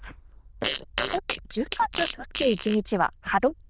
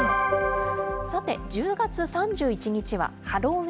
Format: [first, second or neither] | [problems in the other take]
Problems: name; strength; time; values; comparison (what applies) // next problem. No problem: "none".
second | noise reduction (neural diffusion model UNIVERSE++)